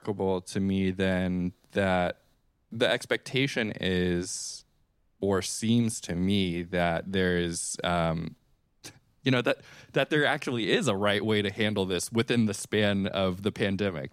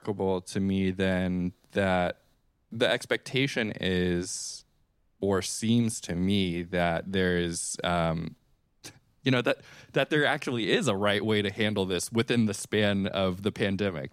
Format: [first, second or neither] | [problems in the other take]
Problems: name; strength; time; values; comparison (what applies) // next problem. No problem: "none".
neither | none